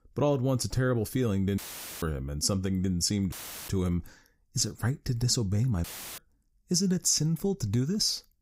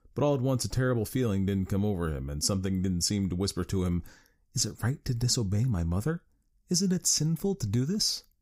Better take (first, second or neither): second